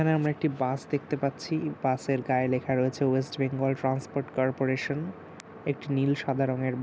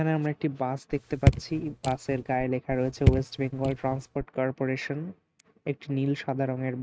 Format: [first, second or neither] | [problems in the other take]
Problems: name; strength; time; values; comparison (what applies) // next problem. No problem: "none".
first | noise reduction (neural mask model RNNoise)